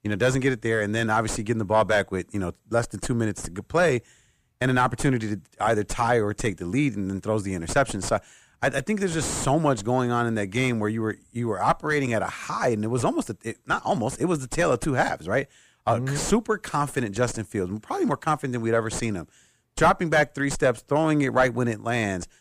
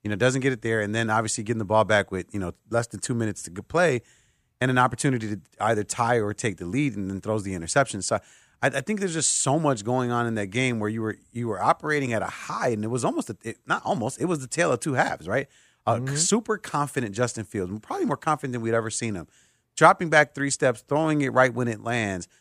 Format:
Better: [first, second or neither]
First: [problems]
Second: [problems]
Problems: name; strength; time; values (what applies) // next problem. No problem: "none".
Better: second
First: distortion; slight; 6 dB below the speech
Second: none